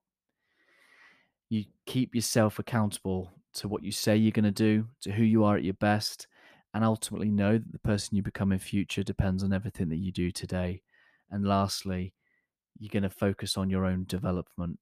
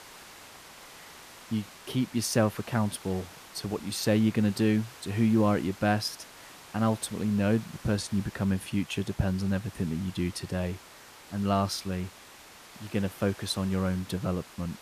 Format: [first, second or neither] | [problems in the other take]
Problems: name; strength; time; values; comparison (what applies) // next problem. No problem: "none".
first | hiss; noticeable; throughout; 20 dB below the speech